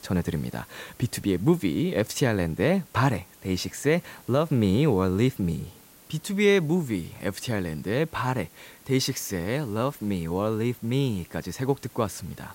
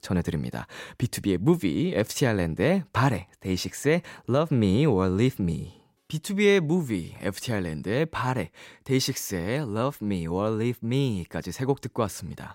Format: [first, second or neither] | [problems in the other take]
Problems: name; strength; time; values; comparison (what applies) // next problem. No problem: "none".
second | hiss; faint; throughout; 25 dB below the speech